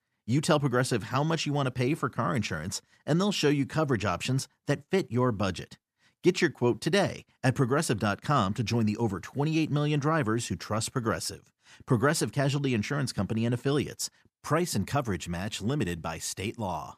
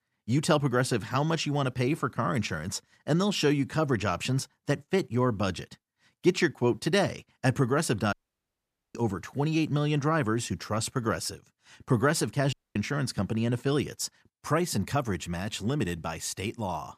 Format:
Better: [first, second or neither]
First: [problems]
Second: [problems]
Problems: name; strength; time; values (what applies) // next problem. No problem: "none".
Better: first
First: none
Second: audio cutting out; at 8 s for 1 s and at 13 s